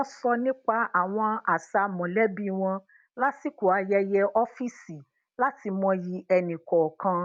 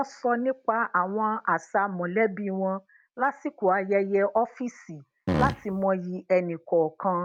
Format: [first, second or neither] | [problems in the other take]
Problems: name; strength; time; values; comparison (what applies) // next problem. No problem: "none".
first | background sound (Fart); 1 dB below the speech